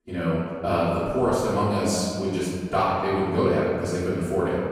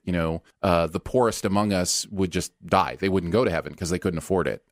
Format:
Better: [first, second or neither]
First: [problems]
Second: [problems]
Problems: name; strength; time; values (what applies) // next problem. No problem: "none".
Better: second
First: room echo; strong; dies away in 1.9 s // off-mic speech; far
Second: none